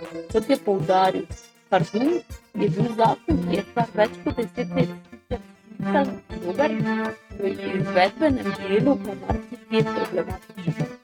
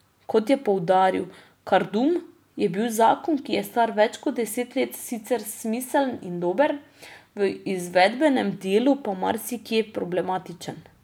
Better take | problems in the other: second | noise reduction (neural mask model RNNoise)

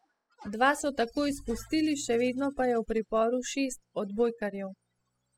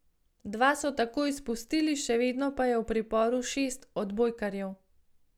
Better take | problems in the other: second | noise reduction (classical method spectral subtraction)

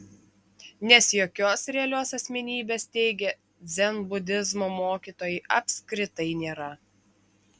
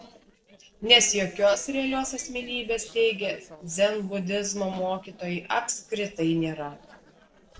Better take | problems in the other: first | noise reduction (neural separator model SepFormer DNS4)

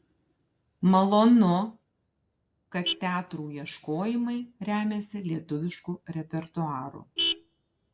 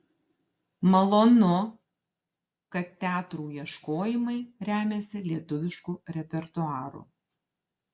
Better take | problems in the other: second | background sound (Vehicle horn, car horn, honking); 12 dB below the speech

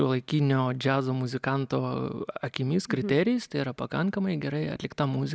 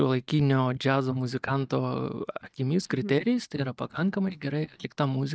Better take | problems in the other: first | noise reduction (neural mask model DeepFilterNet 3)

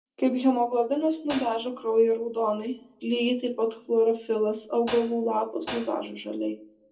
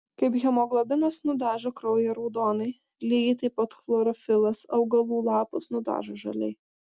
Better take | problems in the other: second | background sound (Hi-hat); 12 dB below the speech // room echo; dies away in 0.2 s

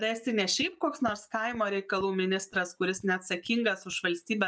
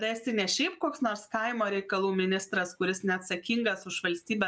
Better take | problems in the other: second | noise reduction (neural mask model DeepFilterNet 3)

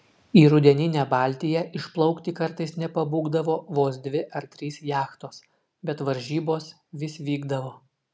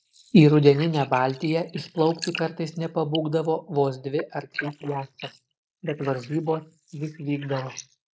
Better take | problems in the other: first | noise reduction (neural mask model Resemble Enhance denoiser)

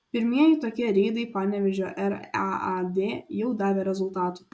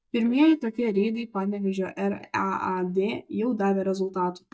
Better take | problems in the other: first | noise reduction (neural mask model DeepFilterNet 3)

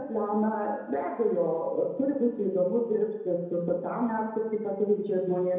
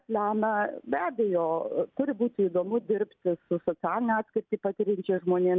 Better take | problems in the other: second | room echo; dies away in 1 s

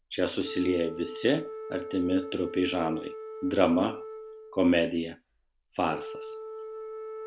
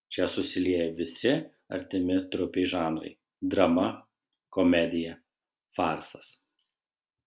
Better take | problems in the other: second | background sound (Wind instrument, woodwind instrument); 11 dB below the speech

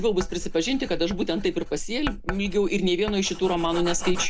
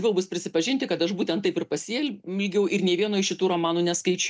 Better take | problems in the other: second | background sound (Writing); 6 dB below the speech

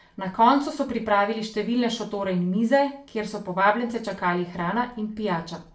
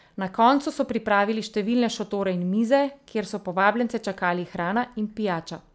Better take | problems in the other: second | room echo; dies away in 0.3 s

